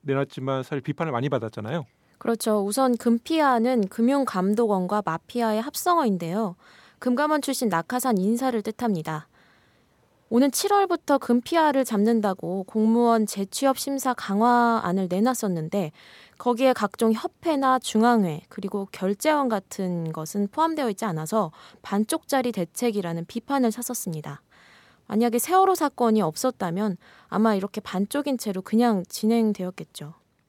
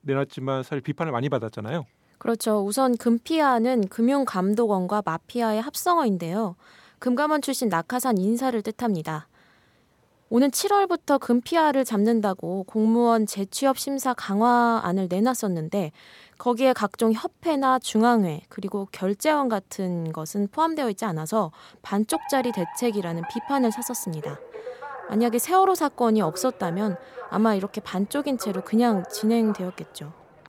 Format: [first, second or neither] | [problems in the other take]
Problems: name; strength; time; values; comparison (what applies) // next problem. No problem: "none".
first | alarm; faint; from 22 s on; peak 10 dB below the speech